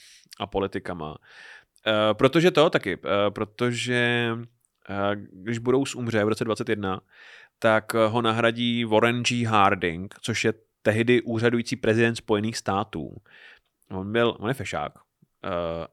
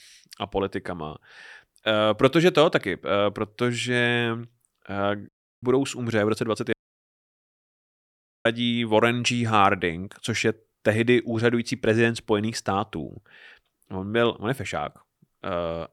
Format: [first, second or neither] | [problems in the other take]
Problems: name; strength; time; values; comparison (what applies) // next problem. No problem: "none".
first | audio cutting out; at 5.5 s and at 6.5 s for 1.5 s